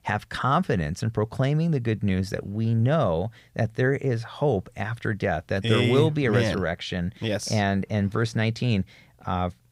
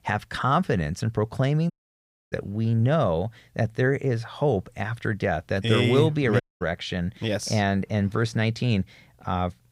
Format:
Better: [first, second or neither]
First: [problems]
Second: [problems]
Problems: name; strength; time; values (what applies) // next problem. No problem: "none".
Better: first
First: none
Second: audio cutting out; at 1.5 s for 0.5 s and at 6.5 s